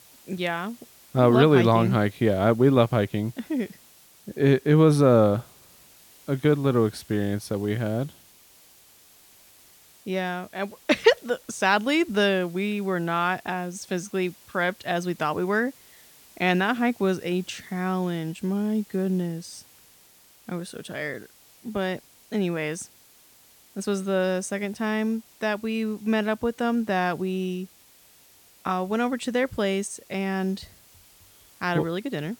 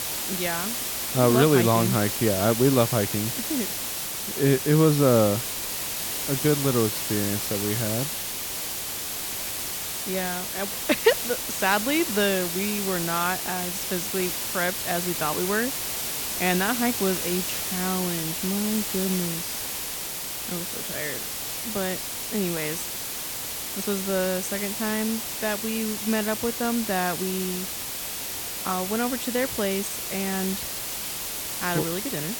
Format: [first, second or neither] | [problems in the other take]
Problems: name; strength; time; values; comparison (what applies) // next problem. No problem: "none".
first | hiss; loud; throughout; 2 dB below the speech; faint in the first